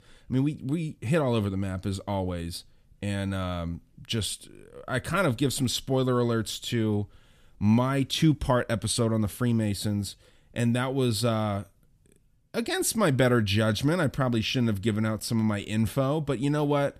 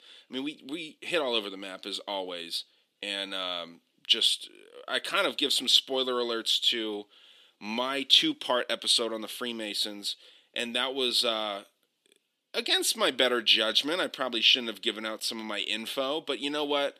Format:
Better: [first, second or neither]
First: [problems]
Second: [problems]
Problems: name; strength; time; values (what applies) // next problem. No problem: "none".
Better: first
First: none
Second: thin; somewhat; fading below 300 Hz